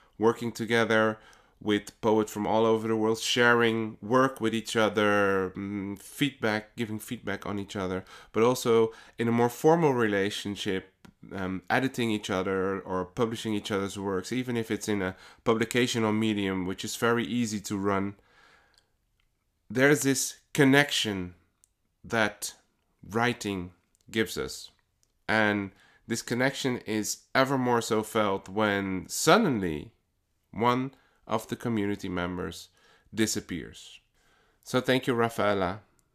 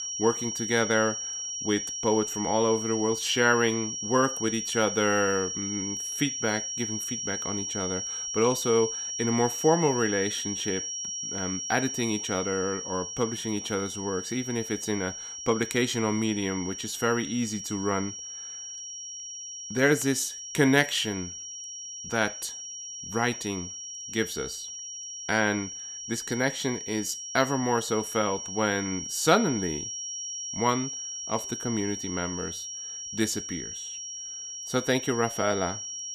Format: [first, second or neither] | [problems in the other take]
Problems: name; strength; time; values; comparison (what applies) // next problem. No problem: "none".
first | high-pitched whine; loud; throughout; 5.5 kHz, 5 dB below the speech